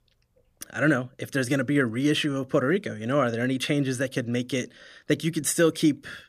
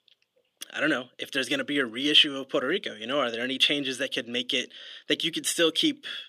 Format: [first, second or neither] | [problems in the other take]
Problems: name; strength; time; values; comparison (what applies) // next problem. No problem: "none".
first | thin; very slightly; fading below 350 Hz